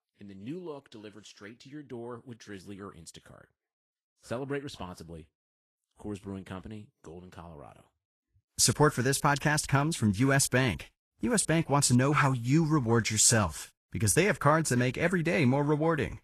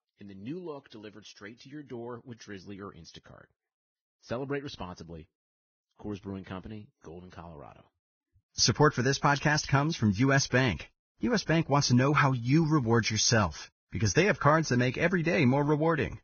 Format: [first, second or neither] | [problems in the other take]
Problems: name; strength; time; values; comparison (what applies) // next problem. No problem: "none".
first | garbled, watery; badly; nothing above 6.5 kHz; slightly in the first